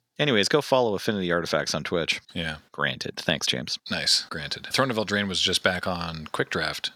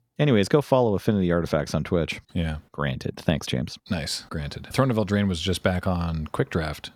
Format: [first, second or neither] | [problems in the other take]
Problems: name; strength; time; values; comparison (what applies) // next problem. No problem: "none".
second | thin; very slightly; fading below 650 Hz